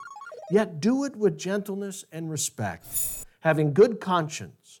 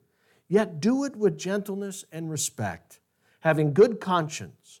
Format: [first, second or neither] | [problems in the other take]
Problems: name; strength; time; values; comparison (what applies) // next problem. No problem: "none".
second | phone ringing; faint; at the start; peak 15 dB below the speech // jangling keys; noticeable; at 3 s; peak 1 dB below the speech